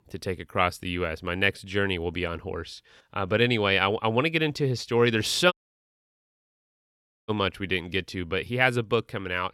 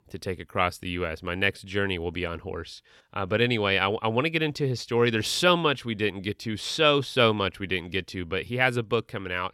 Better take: second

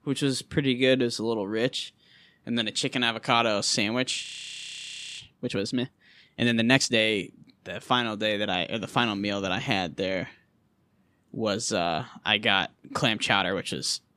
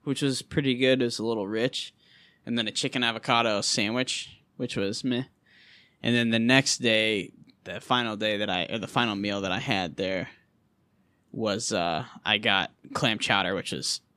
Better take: second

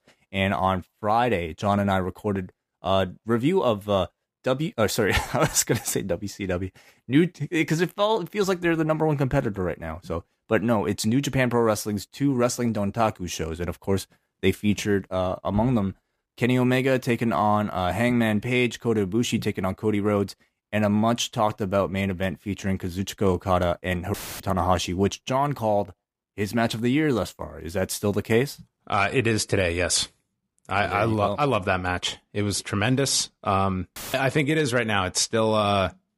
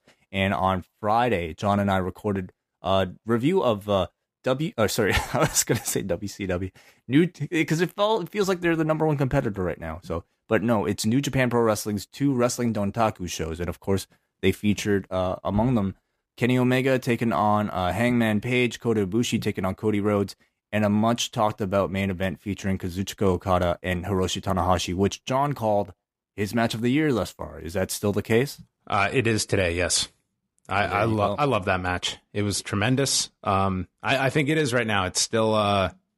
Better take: second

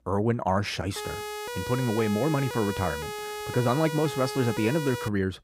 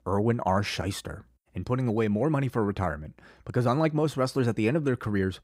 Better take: second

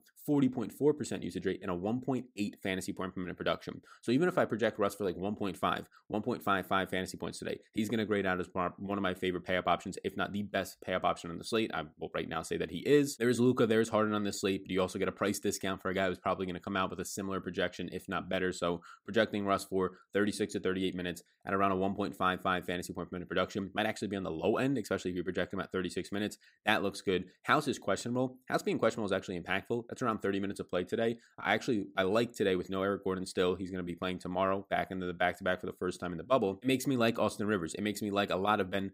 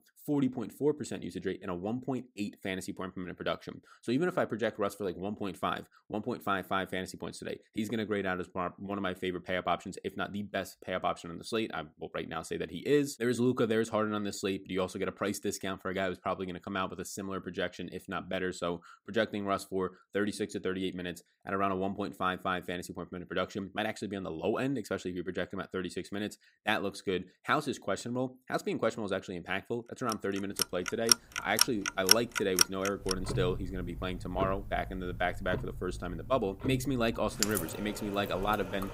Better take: first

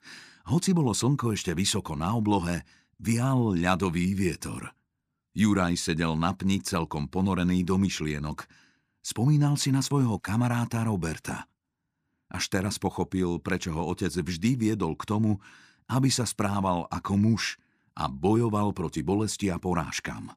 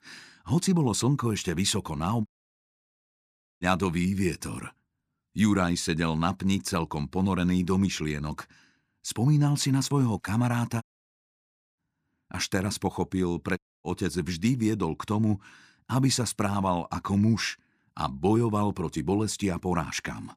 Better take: first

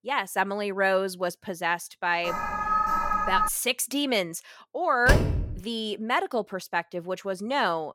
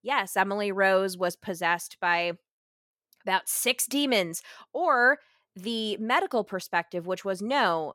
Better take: second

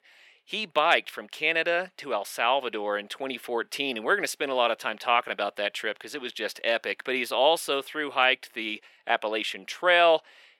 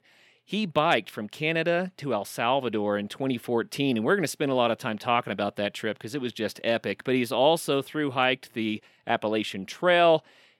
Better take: second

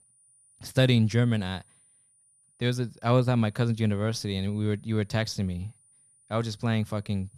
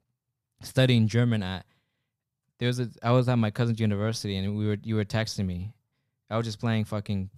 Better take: second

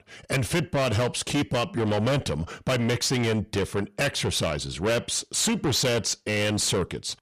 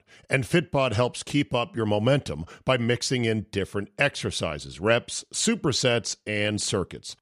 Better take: second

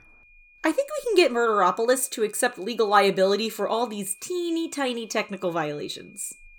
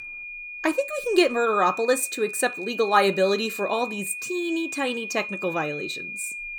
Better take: first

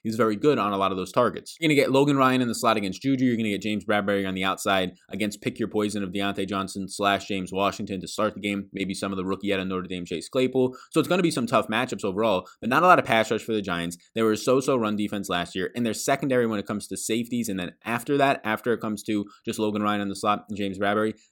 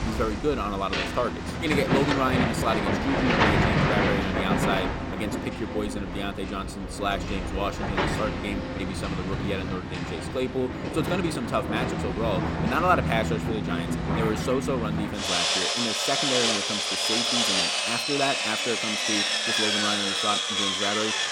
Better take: first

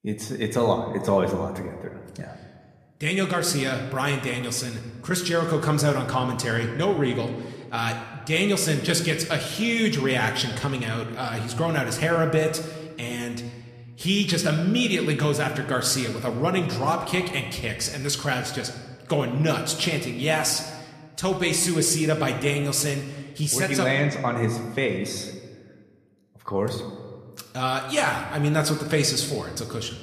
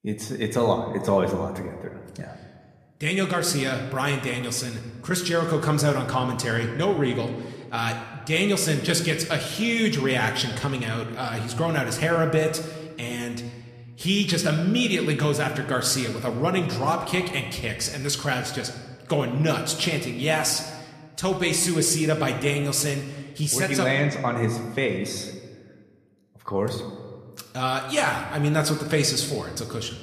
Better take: neither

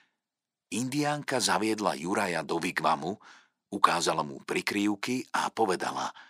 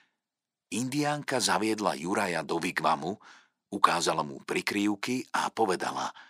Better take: neither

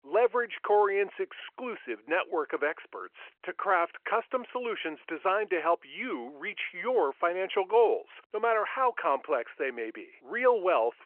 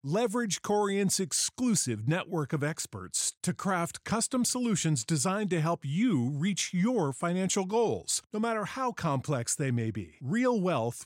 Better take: second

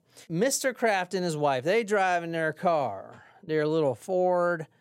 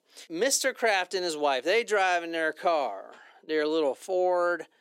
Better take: first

